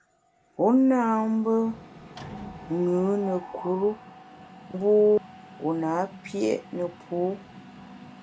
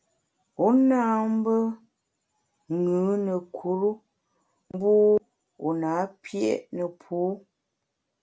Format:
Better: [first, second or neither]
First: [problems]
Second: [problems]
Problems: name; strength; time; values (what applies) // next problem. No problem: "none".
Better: second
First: background sound (Mechanisms); 18 dB below the speech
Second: none